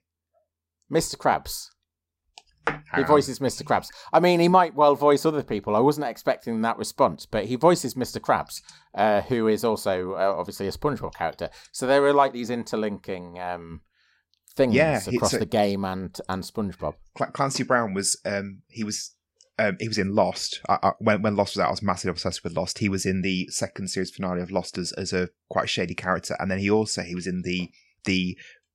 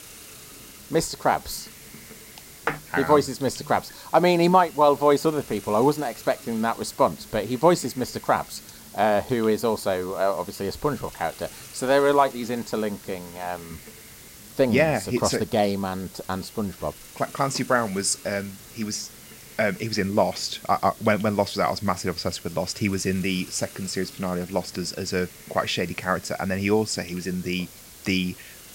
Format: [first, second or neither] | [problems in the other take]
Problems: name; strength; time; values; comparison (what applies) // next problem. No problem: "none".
first | hiss; noticeable; throughout; 20 dB below the speech